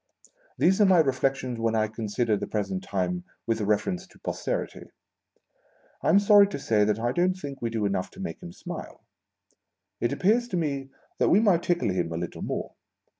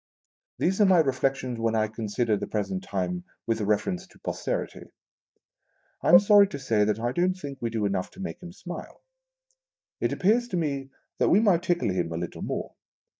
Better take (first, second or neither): first